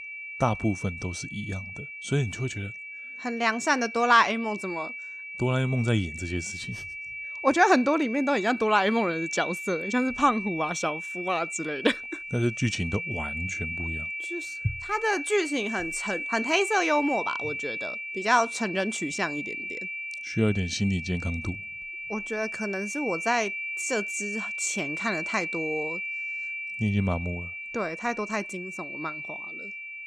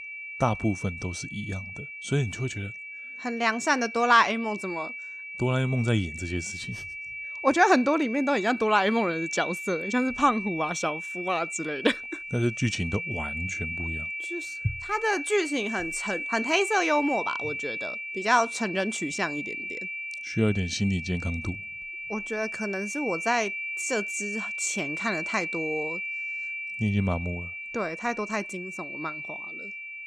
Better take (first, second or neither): neither